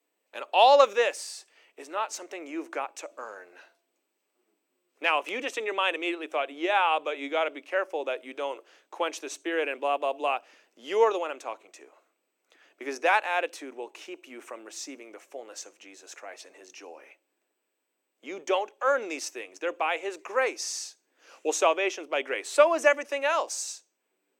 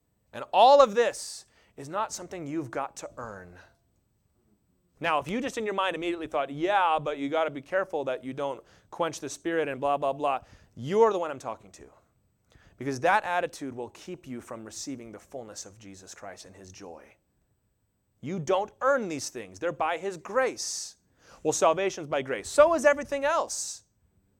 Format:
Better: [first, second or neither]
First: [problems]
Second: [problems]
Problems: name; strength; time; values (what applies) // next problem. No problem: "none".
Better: second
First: thin; somewhat; fading below 300 Hz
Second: none